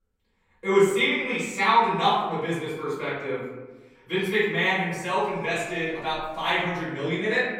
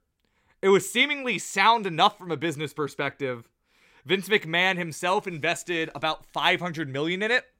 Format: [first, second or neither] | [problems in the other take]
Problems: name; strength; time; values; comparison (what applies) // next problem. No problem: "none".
second | off-mic speech; far // room echo; noticeable; dies away in 1.1 s